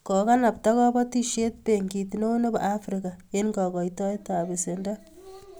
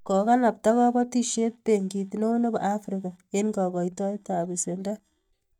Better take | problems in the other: first | noise reduction (neural mask model DeepFilterNet 3)

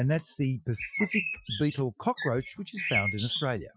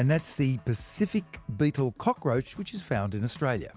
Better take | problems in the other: second | noise reduction (classical method Wiener filter)

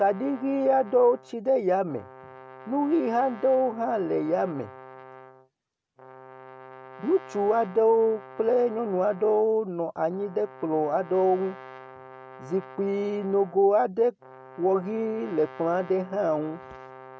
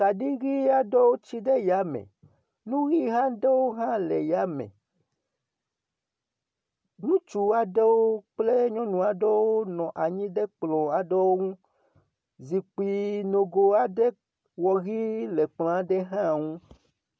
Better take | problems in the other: second | background sound (Brass instrument); 19 dB below the speech

